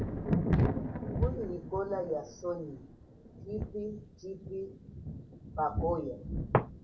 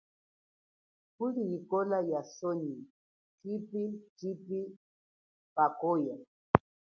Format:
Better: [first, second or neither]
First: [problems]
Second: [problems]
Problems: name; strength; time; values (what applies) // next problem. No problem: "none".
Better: second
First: background sound (Thunder); 2 dB above the speech // room echo; dies away in 0.2 s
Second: none